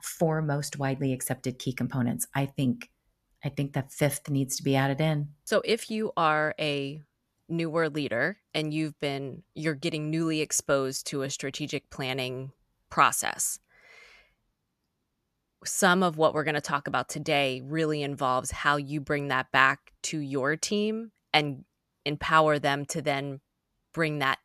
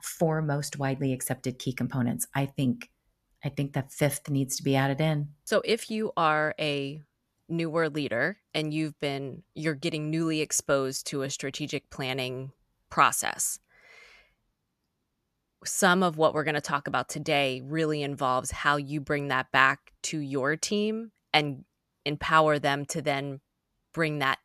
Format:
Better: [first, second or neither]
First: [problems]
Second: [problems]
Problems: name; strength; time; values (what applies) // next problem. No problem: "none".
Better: neither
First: none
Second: none